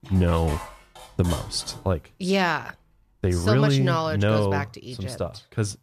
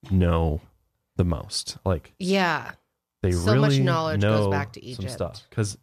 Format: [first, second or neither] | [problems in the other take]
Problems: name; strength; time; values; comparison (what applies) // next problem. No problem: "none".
second | clattering dishes; faint; until 2 s; peak 10 dB below the speech